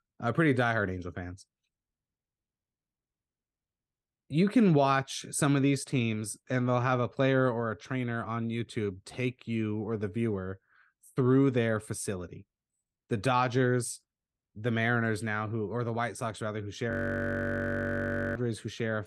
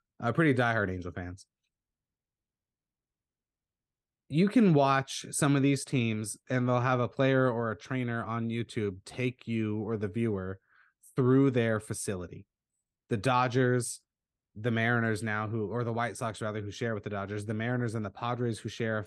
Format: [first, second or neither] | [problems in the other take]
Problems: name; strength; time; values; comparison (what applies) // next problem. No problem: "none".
second | audio freezing; at 17 s for 1.5 s